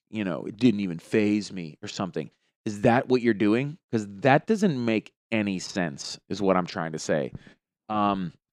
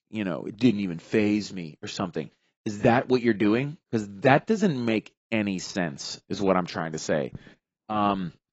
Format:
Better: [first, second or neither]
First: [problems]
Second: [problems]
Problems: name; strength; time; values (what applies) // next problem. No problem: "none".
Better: first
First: none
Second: garbled, watery; badly; nothing above 7.5 kHz